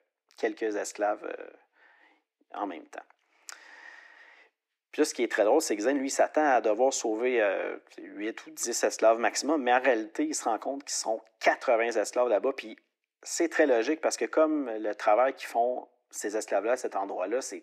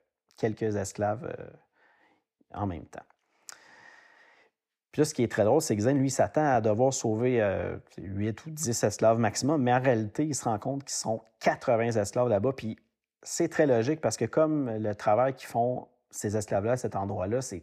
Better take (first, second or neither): second